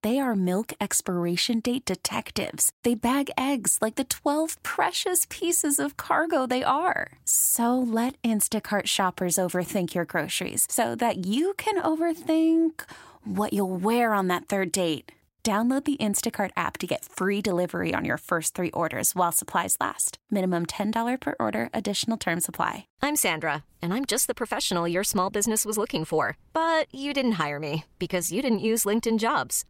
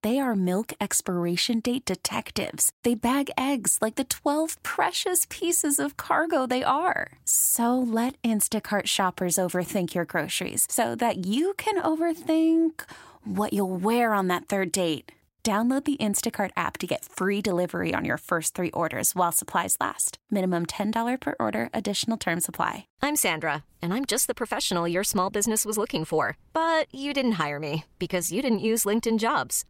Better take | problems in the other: neither | none

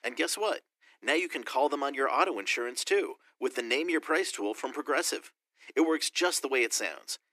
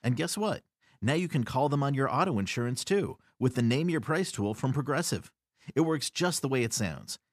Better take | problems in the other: second | thin; very; fading below 300 Hz

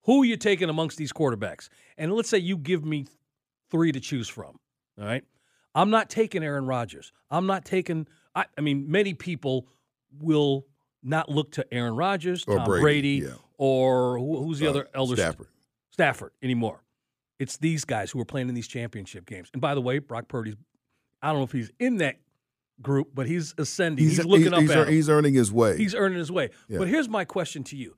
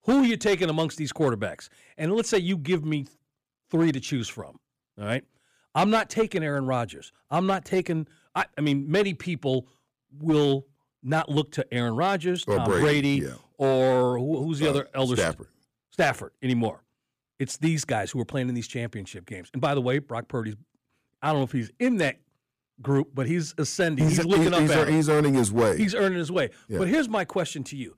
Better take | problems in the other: first | distortion; slight; 4% of the sound clipped

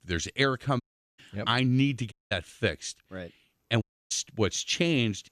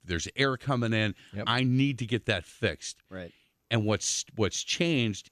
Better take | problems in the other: second | audio cutting out; at 1 s, at 2 s and at 4 s

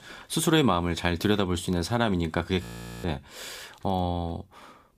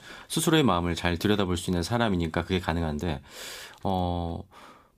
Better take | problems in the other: second | audio freezing; at 2.5 s

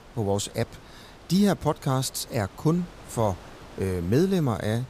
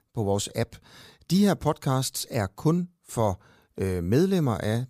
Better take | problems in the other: second | wind noise on the microphone; occasional gusts; 20 dB below the speech

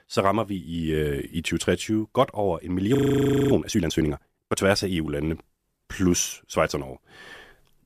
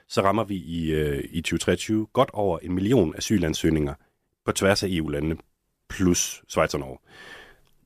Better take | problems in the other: second | audio freezing; at 3 s for 0.5 s

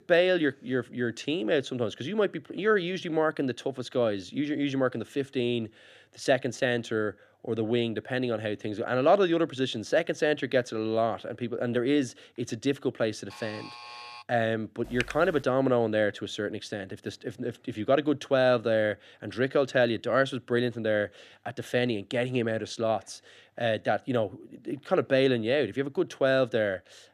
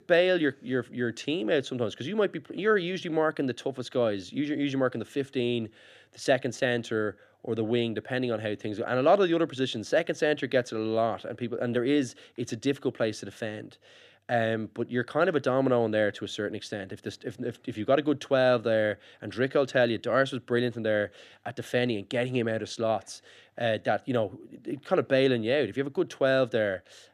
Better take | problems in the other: second | alarm; faint; at 13 s; peak 15 dB below the speech // keyboard typing; noticeable; at 15 s; peak 8 dB below the speech

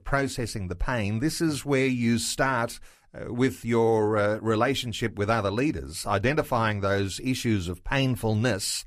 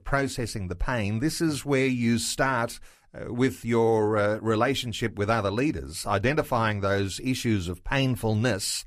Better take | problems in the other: neither | none

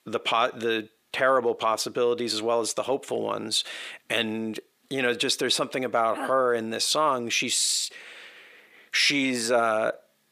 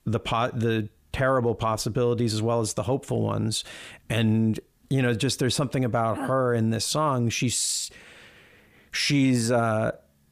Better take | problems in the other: second | thin; somewhat; fading below 400 Hz

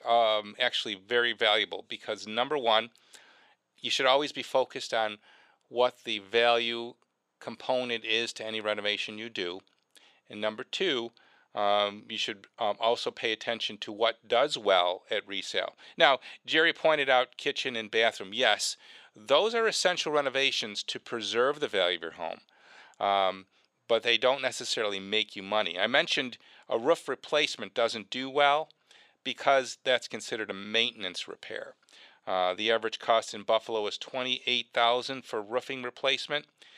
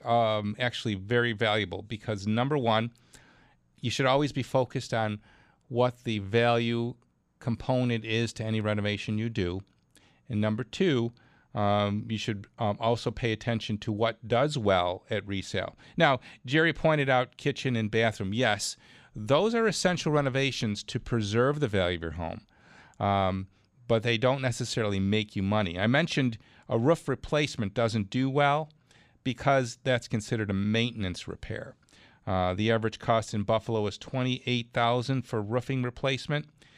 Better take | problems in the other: second | thin; very; fading below 500 Hz

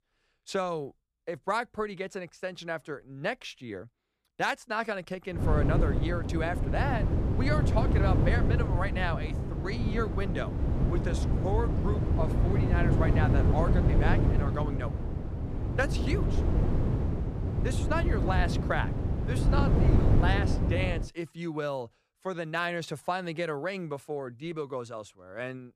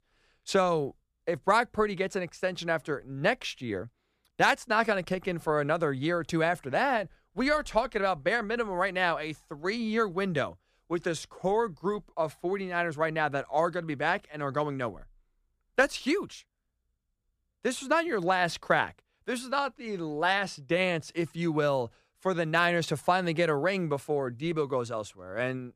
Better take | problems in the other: second | wind noise on the microphone; heavy; from 5.5 to 21 s; 3 dB below the speech

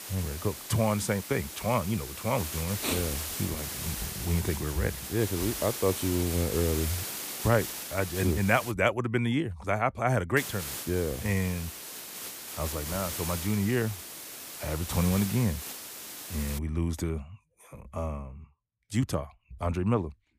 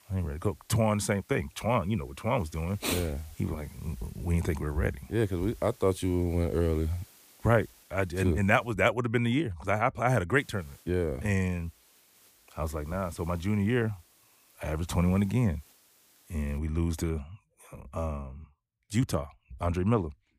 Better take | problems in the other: second | hiss; loud; until 8.5 s and from 10 to 17 s; 6 dB below the speech; faint in the second

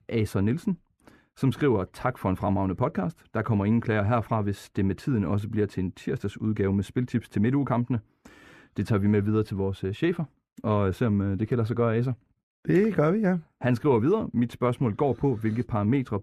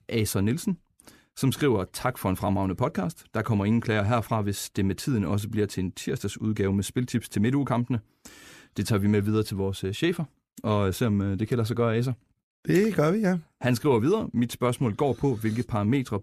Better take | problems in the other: second | muffled; slightly; fading above 3 kHz

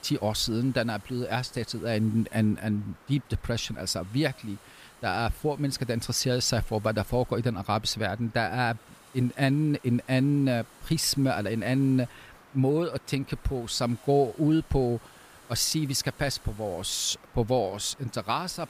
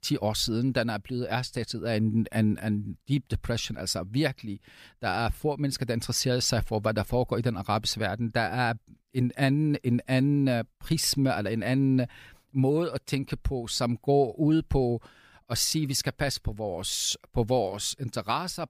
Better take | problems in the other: second | hiss; faint; throughout; 25 dB below the speech

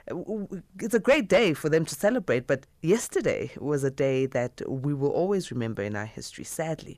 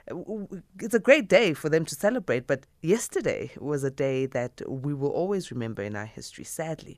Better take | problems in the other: second | distortion; slight; 10 dB below the speech

